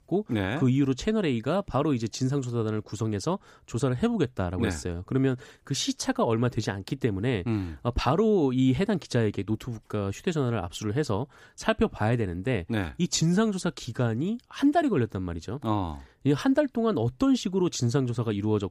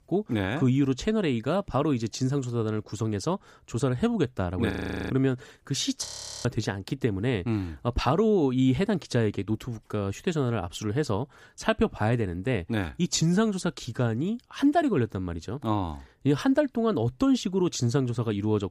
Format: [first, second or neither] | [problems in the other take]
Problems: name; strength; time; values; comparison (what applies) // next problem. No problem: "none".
first | audio freezing; at 4.5 s and at 6 s